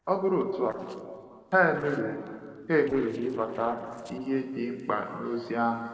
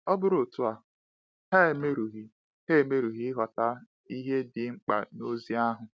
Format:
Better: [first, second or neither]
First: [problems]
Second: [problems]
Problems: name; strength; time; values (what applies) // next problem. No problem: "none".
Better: second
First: noise reduction (neural separator model SepFormer DNS4)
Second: none